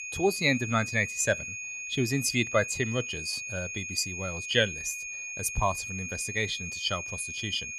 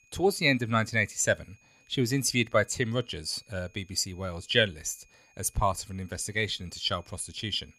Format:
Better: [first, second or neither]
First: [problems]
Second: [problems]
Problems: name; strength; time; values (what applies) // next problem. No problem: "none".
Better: second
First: high-pitched whine; loud; throughout; 2.5 kHz, 6 dB below the speech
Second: high-pitched whine; faint; throughout; 2.5 kHz, 30 dB below the speech